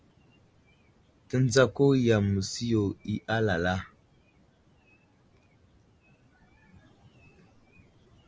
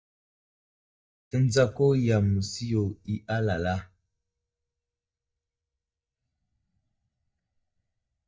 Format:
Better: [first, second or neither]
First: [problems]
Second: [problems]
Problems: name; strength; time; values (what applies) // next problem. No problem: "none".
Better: first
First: none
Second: noise reduction (neural mask model DeepFilterNet 3)